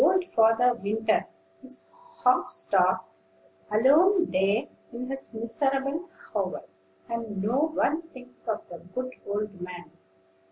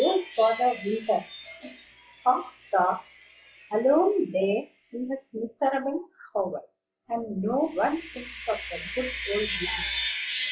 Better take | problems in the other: first | noise reduction (classical method log-MMSE)

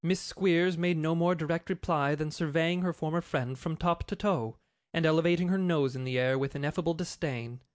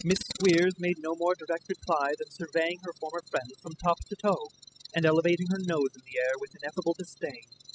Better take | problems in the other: first | noise reduction (classical method spectral subtraction)

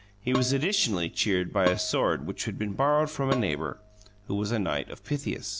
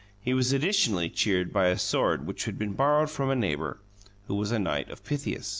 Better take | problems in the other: second | background sound (Dishes, pots, and pans); 11 dB below the speech

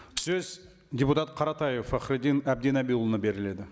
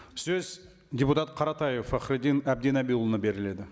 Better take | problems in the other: second | background sound (Glass); 11 dB below the speech

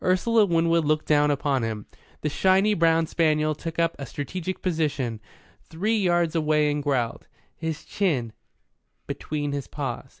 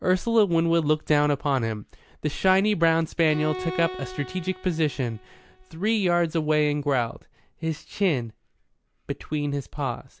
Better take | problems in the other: first | background sound (Bowed string instrument); 13 dB below the speech

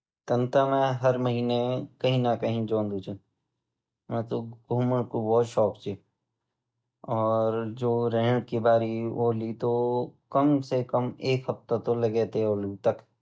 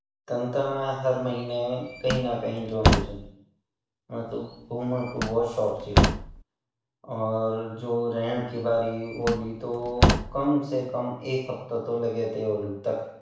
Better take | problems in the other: first | background sound (Slam); 2 dB above the speech // room echo; dies away in 0.7 s

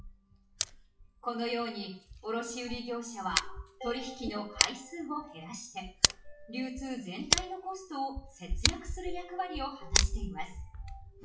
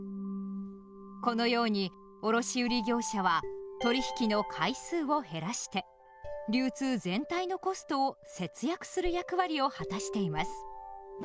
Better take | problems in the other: second | noise reduction (classical method WPE with log-MMSE)

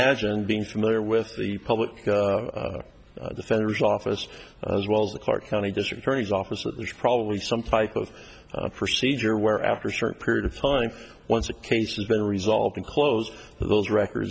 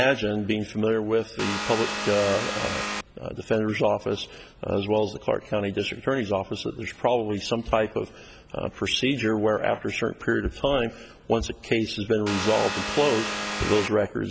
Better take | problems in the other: first | background sound (Vehicle); 4 dB below the speech

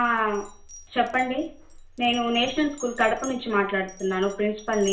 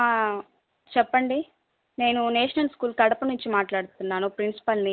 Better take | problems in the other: second | background sound (Glass); 18 dB below the speech // room echo; dies away in 0.4 s

